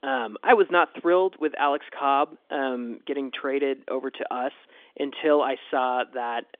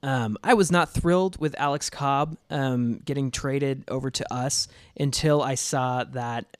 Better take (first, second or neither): second